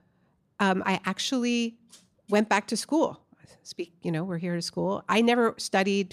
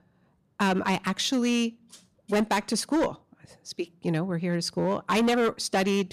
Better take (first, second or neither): first